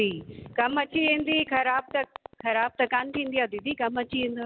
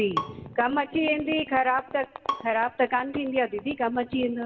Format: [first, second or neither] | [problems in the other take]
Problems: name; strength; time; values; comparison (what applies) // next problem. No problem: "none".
first | background sound (Bowed string instrument); 13 dB below the speech // room echo; dies away in 1.1 s